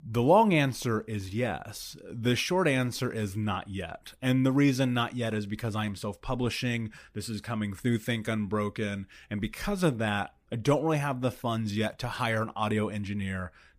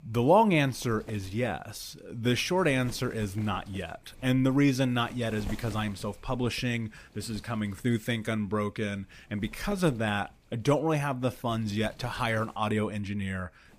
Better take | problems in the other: first | wind noise on the microphone; occasional gusts; 20 dB below the speech

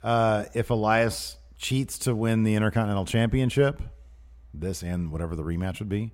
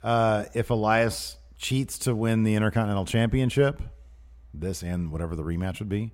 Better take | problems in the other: neither | none

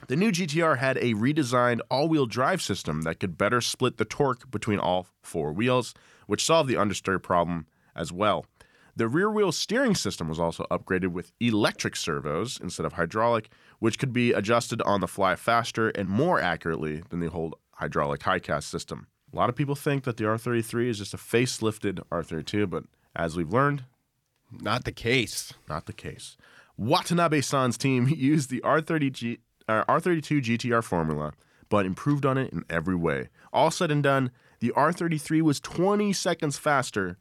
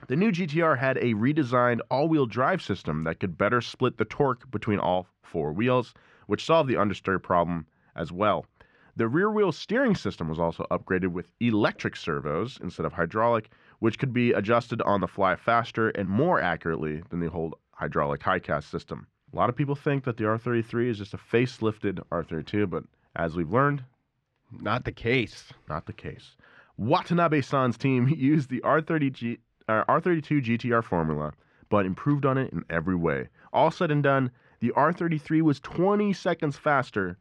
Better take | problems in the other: first | muffled; slightly; fading above 2.5 kHz

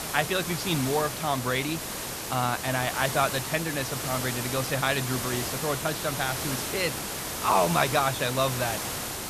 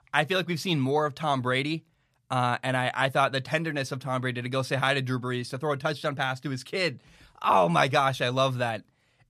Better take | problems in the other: second | hiss; loud; throughout; 3 dB below the speech

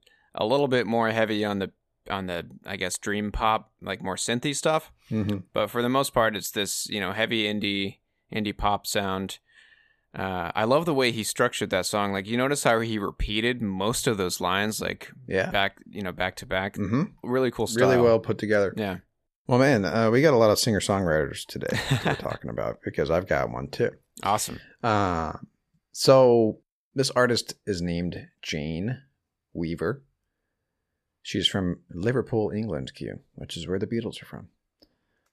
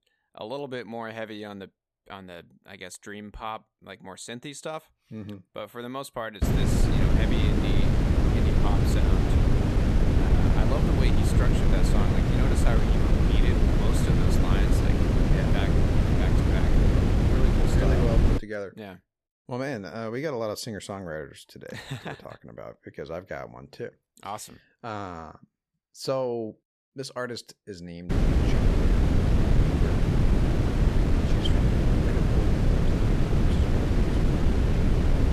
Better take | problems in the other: first | wind noise on the microphone; heavy; from 6.5 to 18 s and from 28 s on; 4 dB above the speech

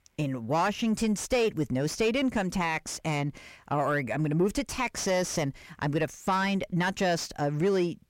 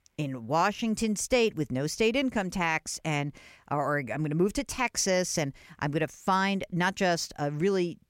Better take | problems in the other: second | distortion; slight; 10 dB below the speech

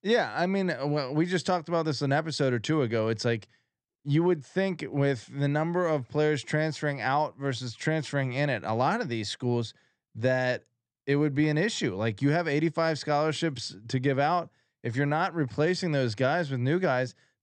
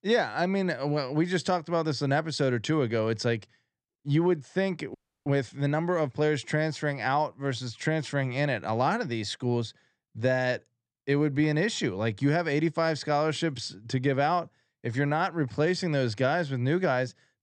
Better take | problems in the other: first | audio freezing; at 5 s

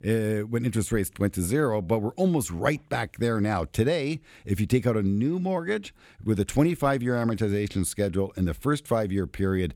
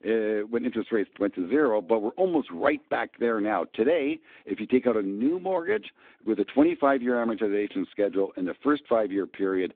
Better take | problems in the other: first | phone-call audio; nothing above 3.5 kHz

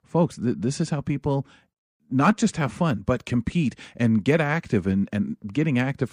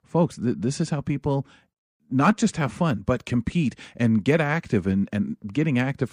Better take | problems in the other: neither | none

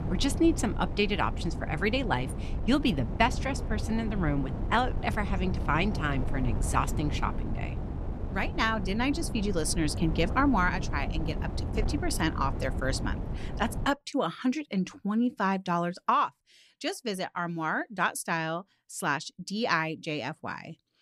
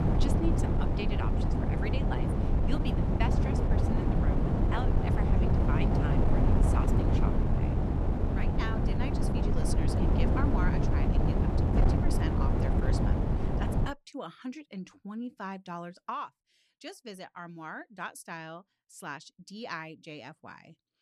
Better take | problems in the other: first | wind noise on the microphone; heavy; until 14 s; 4 dB above the speech; occasional gusts in the first

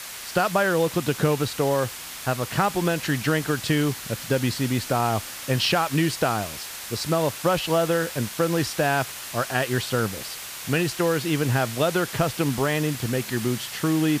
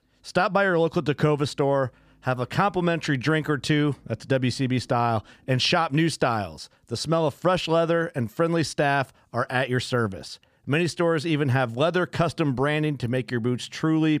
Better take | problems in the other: second | hiss; loud; throughout; 9 dB below the speech

